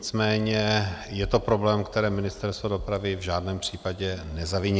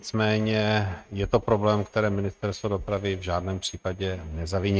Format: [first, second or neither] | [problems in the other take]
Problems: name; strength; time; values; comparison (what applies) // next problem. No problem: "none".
first | noise reduction (neural mask model RNNoise)